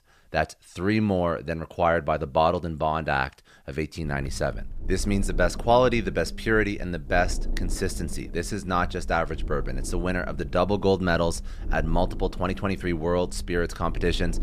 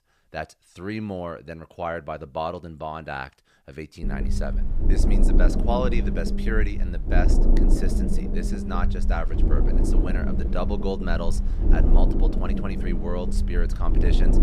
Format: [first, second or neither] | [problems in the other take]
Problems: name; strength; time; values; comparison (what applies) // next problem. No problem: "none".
first | low rumble; loud; from 4 s on; 4 dB below the speech; faint in the first